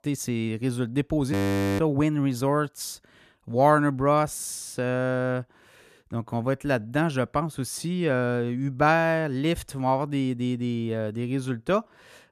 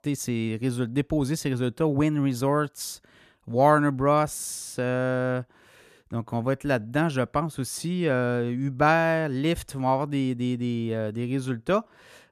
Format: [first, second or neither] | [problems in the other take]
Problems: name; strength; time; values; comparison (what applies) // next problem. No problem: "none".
second | audio freezing; at 1.5 s